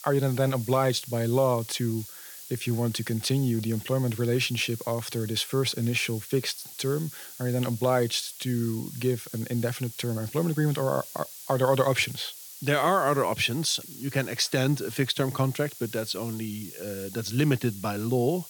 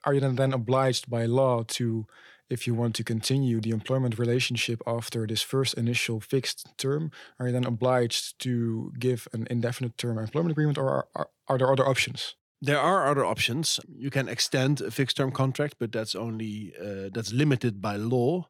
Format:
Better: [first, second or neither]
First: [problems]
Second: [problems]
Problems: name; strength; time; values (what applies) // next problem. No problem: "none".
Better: second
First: hiss; noticeable; throughout; 15 dB below the speech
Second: none